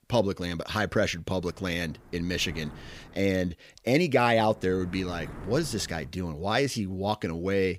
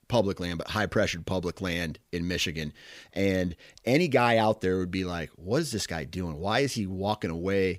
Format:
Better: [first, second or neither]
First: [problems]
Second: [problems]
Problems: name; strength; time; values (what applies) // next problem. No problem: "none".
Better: second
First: wind noise on the microphone; occasional gusts; from 1.5 to 3 s and from 4.5 to 6 s; 20 dB below the speech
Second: none